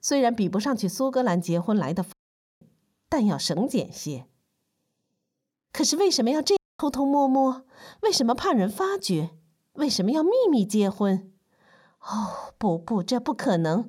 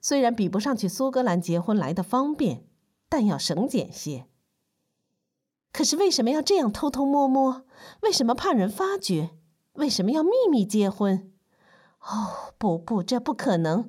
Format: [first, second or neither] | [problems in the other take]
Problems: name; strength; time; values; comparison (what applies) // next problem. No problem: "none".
second | audio cutting out; at 2 s and at 6.5 s